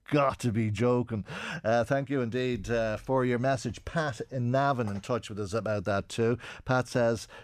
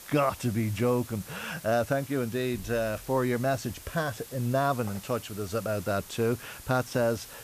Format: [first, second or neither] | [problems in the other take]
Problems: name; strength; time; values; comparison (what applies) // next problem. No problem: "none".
first | hiss; noticeable; throughout; 15 dB below the speech